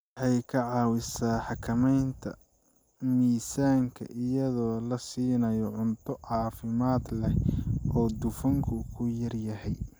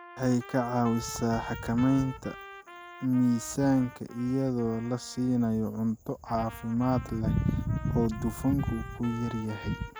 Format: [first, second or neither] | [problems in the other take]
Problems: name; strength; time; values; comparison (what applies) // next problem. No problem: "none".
first | background sound (Trumpet); 17 dB below the speech